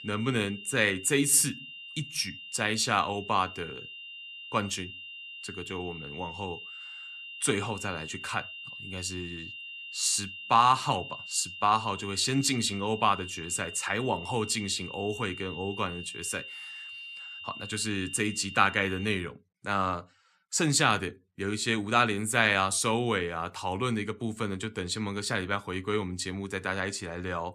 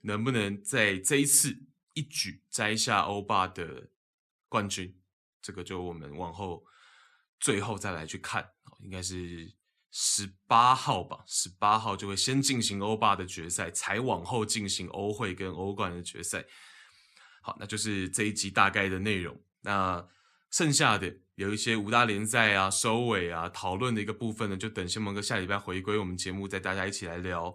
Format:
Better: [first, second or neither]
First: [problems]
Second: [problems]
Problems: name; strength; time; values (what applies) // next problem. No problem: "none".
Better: second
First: high-pitched whine; noticeable; until 19 s; 3 kHz, 10 dB below the speech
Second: none